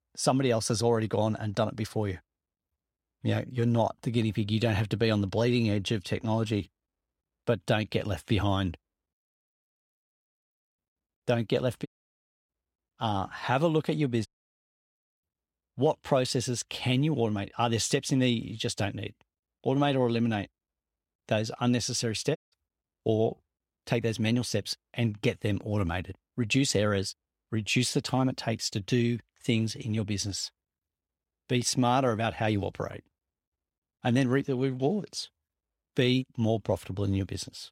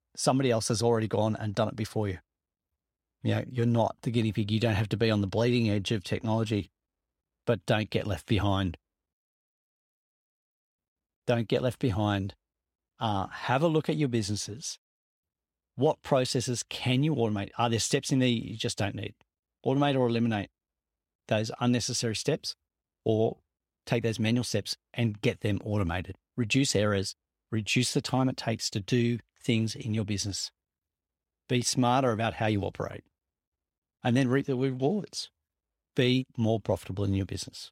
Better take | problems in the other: second | audio cutting out; at 12 s for 0.5 s, at 14 s for 0.5 s and at 22 s

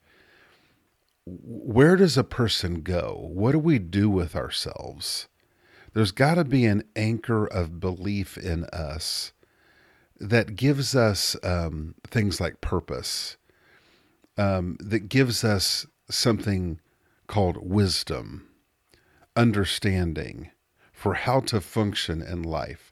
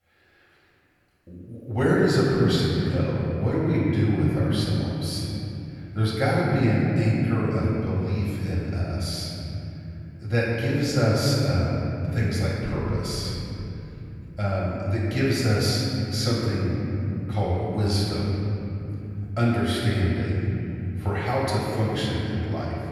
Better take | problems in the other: first | room echo; strong; dies away in 3 s // off-mic speech; far

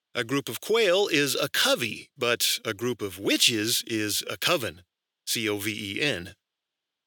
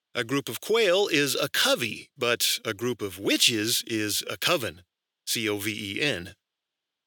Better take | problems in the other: neither | thin; somewhat; fading below 650 Hz; the same in both

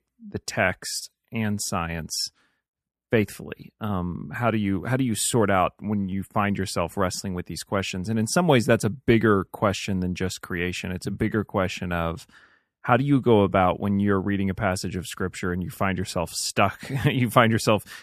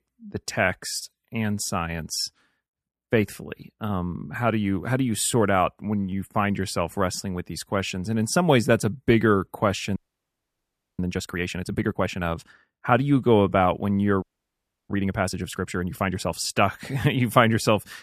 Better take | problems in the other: first | audio freezing; at 10 s for 1 s and at 14 s for 0.5 s

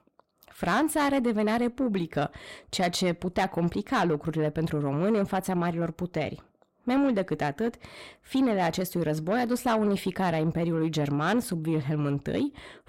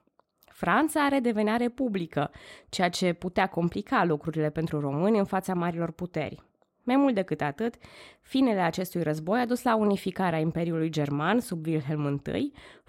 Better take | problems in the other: second | distortion; slight; 10 dB below the speech

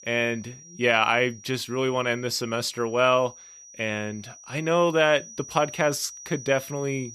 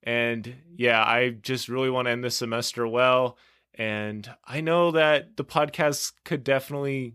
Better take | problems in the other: second | high-pitched whine; noticeable; throughout; 6 kHz, 20 dB below the speech

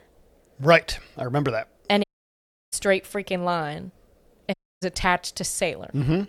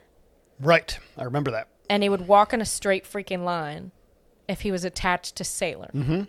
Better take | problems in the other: second | audio cutting out; at 2 s for 0.5 s and at 4.5 s

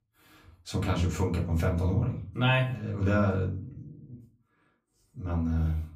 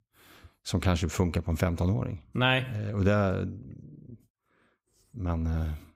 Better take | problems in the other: second | off-mic speech; far // room echo; very slight; dies away in 0.3 s

